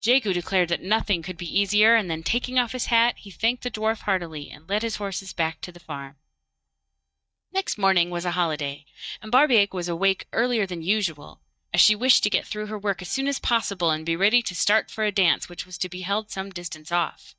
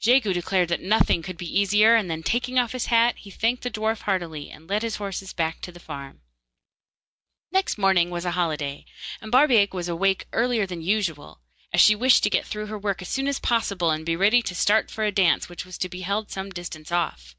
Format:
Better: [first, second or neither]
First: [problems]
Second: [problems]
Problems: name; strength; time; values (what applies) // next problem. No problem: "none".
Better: second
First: noise reduction (neural mask model DeepFilterNet 3)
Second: none